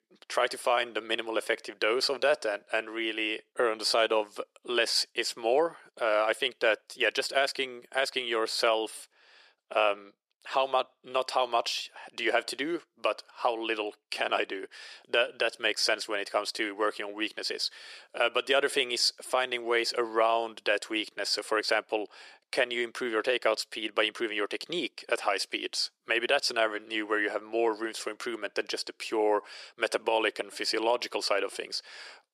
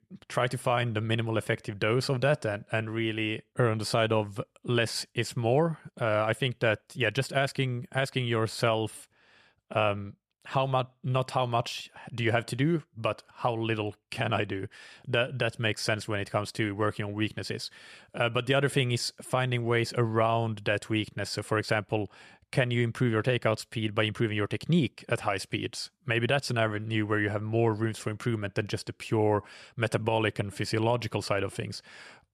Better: second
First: thin; very; fading below 350 Hz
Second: none

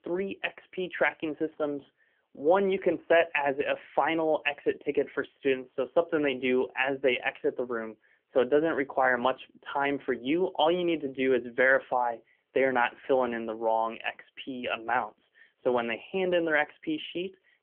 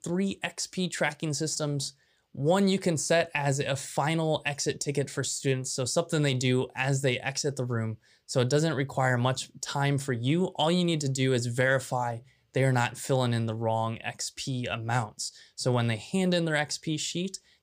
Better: second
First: phone-call audio; nothing above 3 kHz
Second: none

